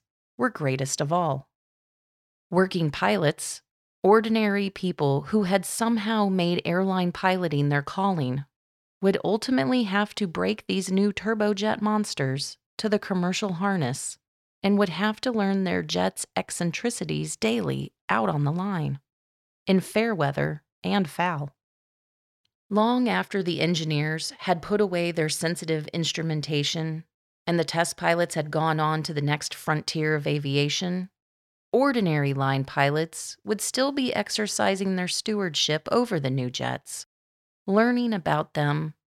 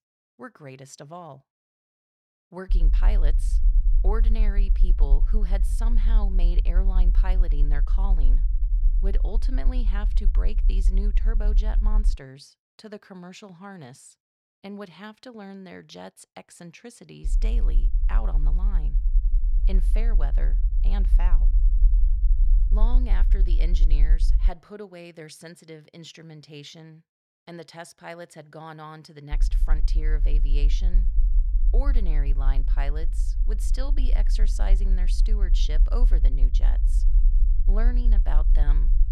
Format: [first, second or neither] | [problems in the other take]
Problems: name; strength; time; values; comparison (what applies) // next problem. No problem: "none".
first | low rumble; loud; from 2.5 to 12 s, from 17 to 24 s and from 29 s on; 9 dB below the speech